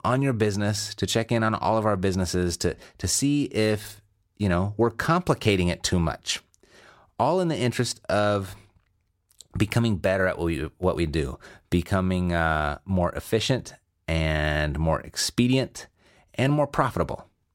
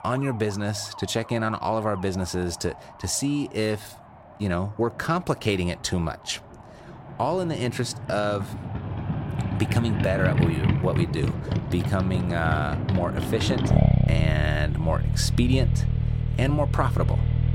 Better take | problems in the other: first | traffic noise; very loud; throughout; 2 dB above the speech

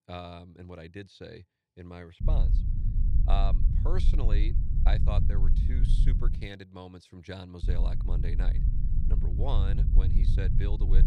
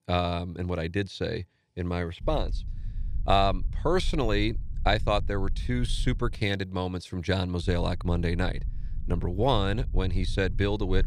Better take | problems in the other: second | low rumble; loud; from 2 to 6.5 s and from 7.5 s on; 4 dB below the speech; faint in the second

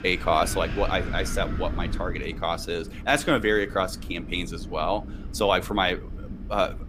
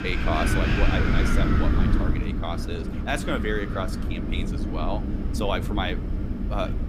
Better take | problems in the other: first | wind noise on the microphone; heavy; 1 dB below the speech; occasional gusts in the first

